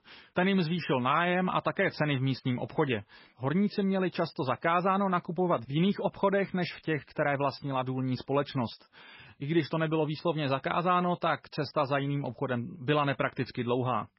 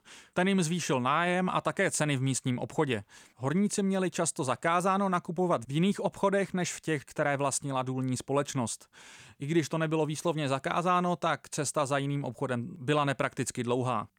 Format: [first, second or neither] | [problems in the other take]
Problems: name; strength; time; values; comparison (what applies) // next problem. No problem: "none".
second | garbled, watery; badly; nothing above 5.5 kHz